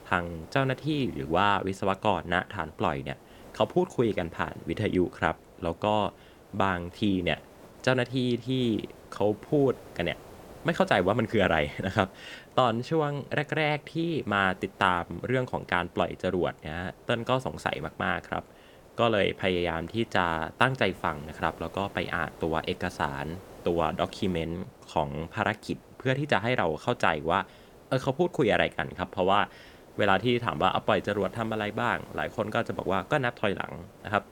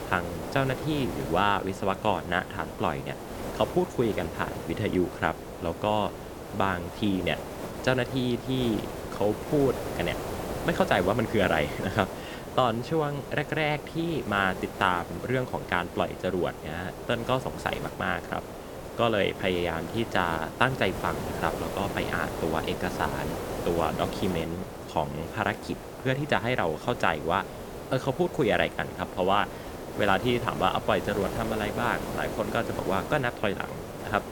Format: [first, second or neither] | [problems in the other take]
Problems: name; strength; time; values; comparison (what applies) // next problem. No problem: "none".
first | hiss; loud; throughout; 8 dB below the speech; faint in the first